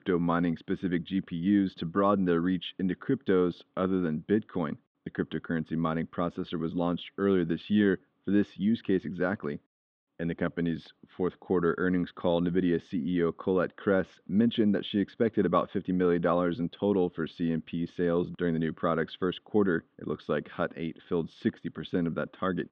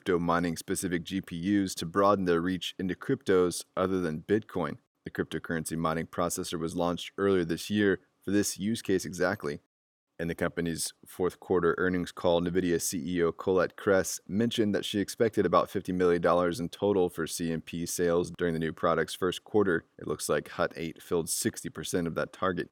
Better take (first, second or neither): second